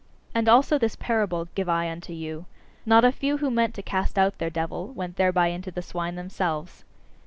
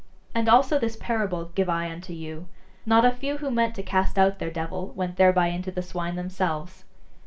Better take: first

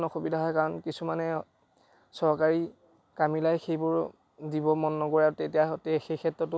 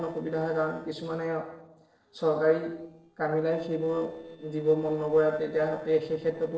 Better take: first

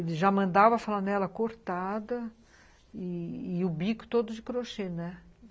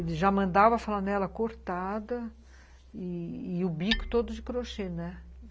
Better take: first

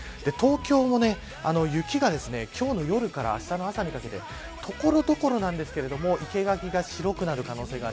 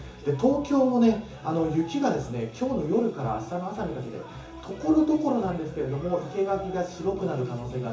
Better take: first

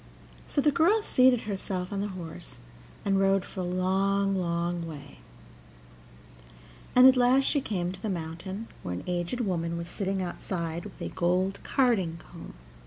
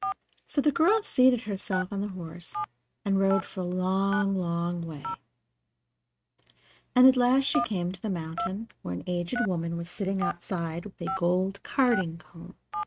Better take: first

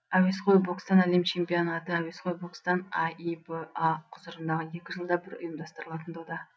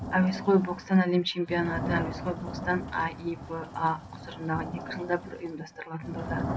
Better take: first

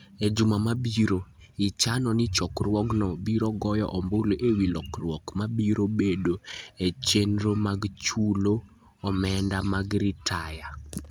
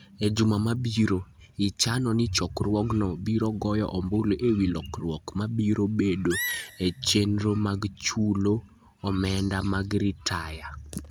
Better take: first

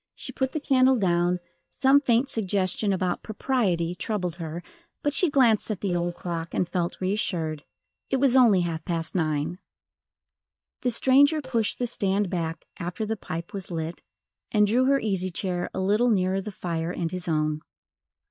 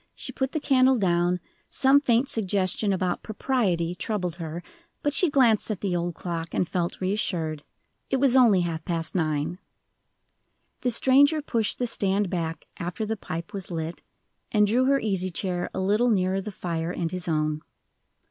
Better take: second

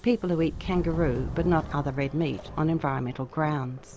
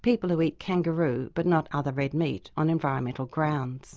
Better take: second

